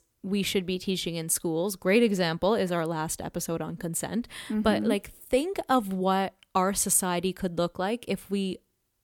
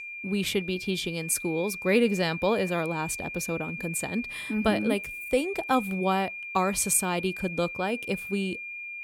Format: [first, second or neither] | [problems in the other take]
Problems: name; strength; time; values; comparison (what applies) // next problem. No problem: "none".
first | high-pitched whine; loud; throughout; 2.5 kHz, 8 dB below the speech